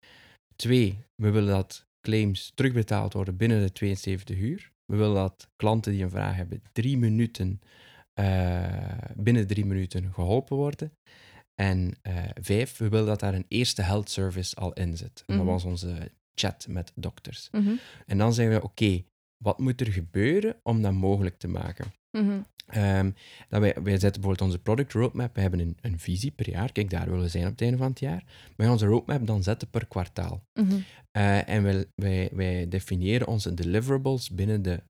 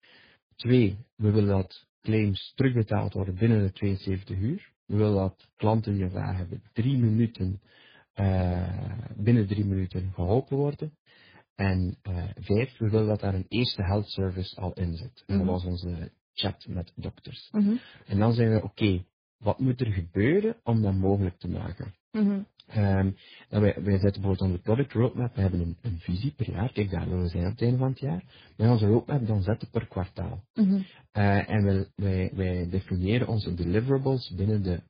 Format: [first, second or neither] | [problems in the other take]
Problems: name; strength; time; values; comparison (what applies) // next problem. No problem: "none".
first | garbled, watery; badly; nothing above 4.5 kHz